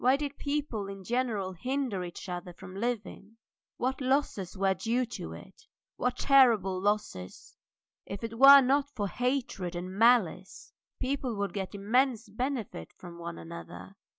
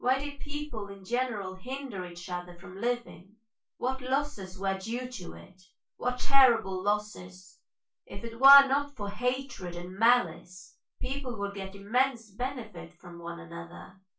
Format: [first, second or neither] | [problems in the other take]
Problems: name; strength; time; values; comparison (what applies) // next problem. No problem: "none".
first | room echo; dies away in 0.2 s